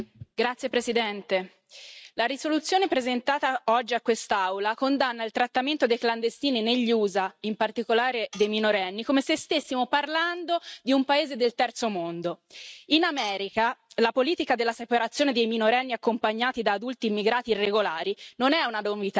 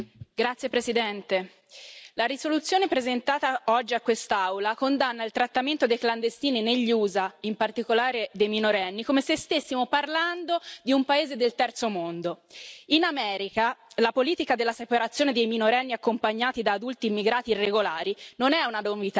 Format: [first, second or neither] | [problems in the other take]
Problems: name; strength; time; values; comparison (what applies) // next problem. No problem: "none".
second | noise reduction (neural mask model RNNoise)